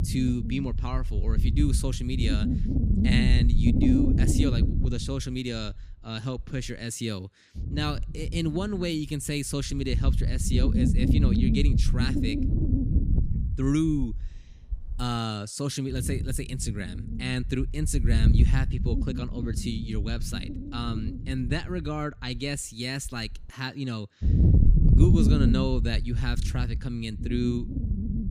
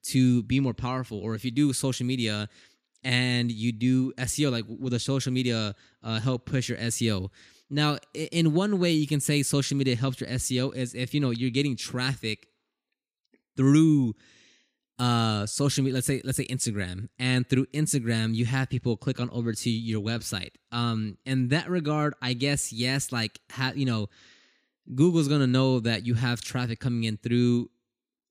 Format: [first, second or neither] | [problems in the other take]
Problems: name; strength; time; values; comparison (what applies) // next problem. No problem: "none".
second | wind noise on the microphone; heavy; 3 dB below the speech